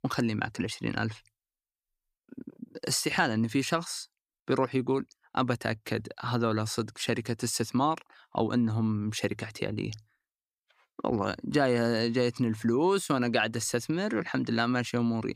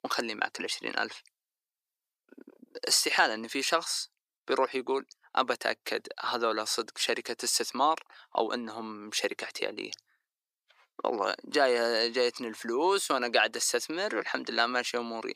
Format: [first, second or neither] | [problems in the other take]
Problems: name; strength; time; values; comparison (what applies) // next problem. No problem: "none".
first | thin; very; fading below 400 Hz